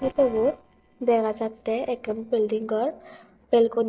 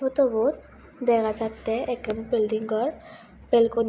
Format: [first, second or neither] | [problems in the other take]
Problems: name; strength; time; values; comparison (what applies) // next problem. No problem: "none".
second | noise reduction (neural separator model SepFormer DNS4)